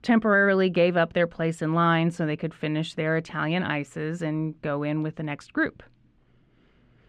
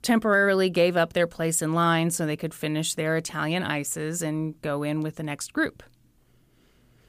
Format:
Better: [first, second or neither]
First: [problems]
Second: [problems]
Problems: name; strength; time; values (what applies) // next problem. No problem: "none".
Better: second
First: muffled; slightly; fading above 2.5 kHz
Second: none